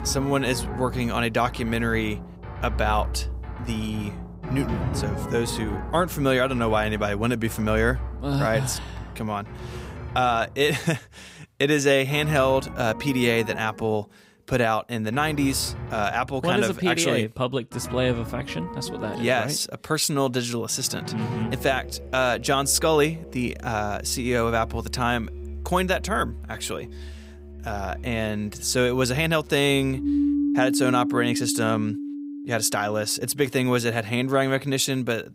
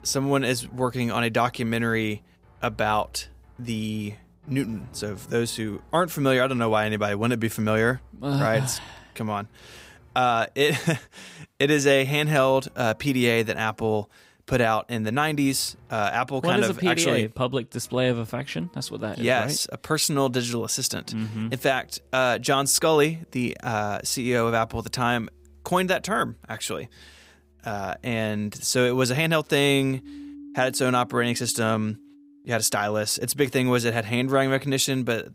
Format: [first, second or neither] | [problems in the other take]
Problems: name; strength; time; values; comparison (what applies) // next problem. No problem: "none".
second | background music; loud; throughout; 9 dB below the speech; faint in the second